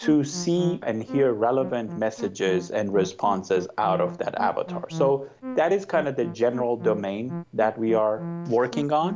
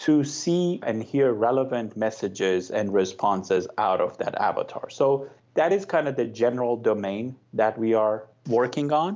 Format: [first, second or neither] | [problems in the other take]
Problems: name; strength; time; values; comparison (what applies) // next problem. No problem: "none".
second | background sound (Musical instrument); 12 dB below the speech